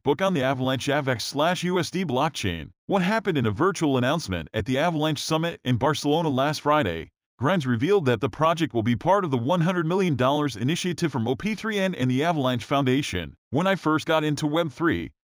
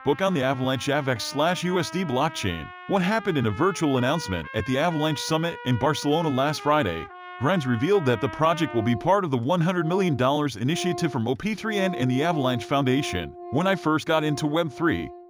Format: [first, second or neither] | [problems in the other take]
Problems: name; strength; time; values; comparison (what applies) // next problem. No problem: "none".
first | background music; noticeable; throughout; 15 dB below the speech